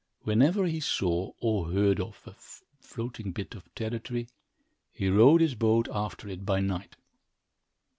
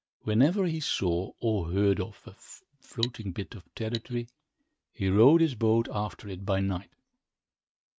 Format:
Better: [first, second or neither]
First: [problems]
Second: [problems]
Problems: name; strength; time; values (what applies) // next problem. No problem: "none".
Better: first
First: none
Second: noise reduction (neural mask model RNNoise)